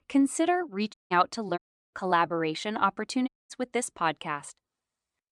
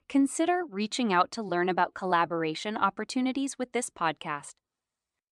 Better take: second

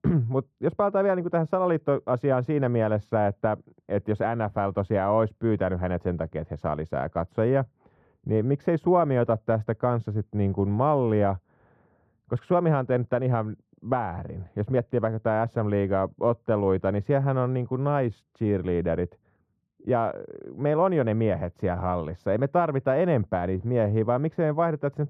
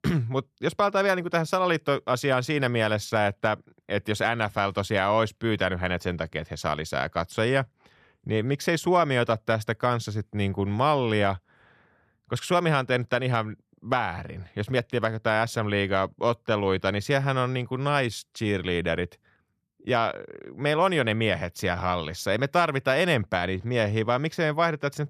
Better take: second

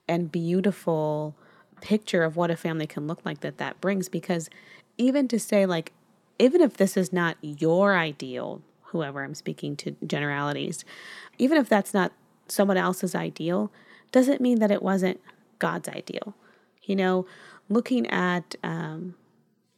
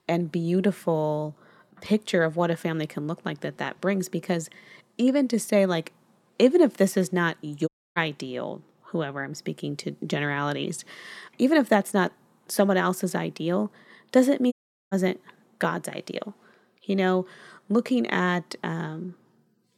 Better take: first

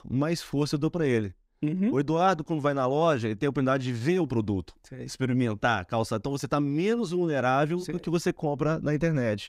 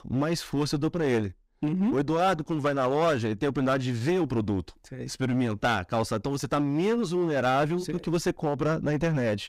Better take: first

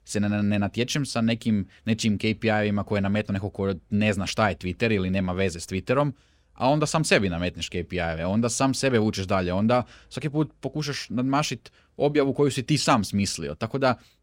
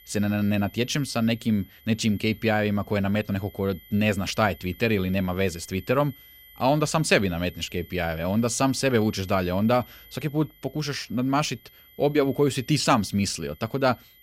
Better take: first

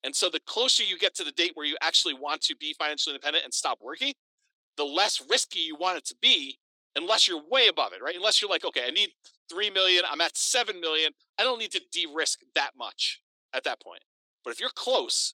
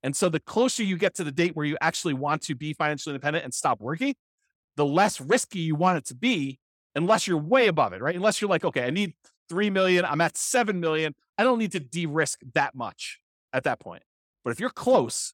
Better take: second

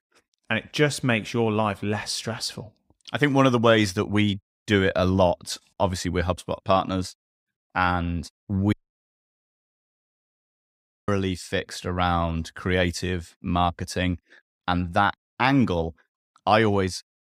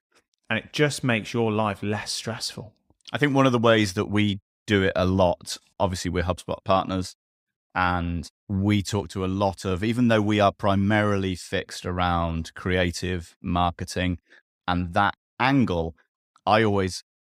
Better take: second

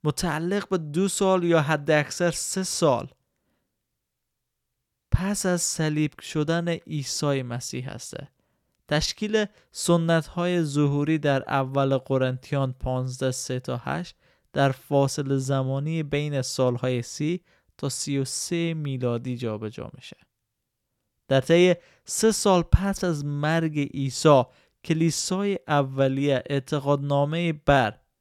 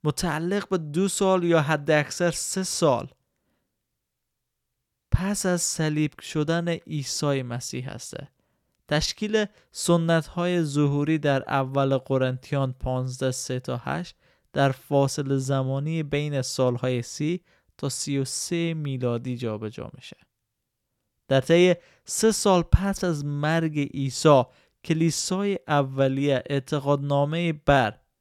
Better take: neither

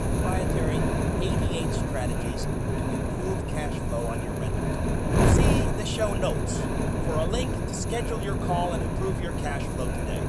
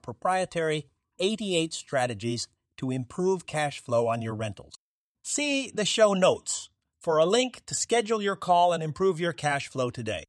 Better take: second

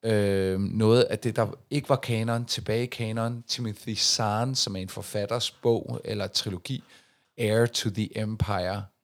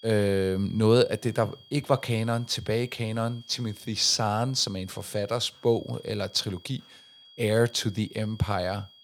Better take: first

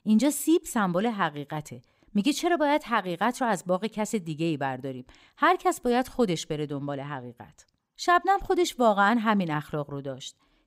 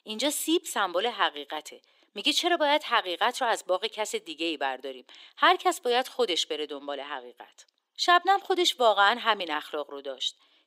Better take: first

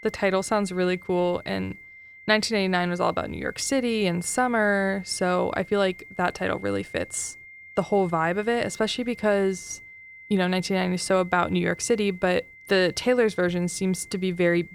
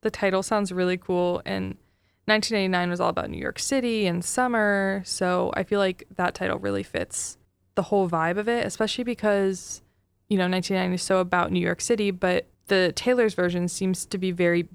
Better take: second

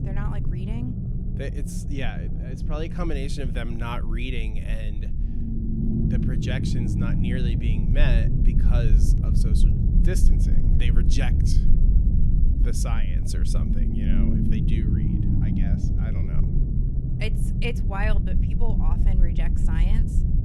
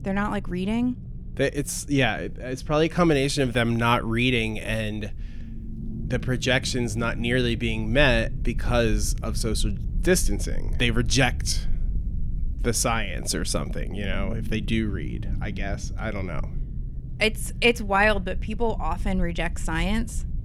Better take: second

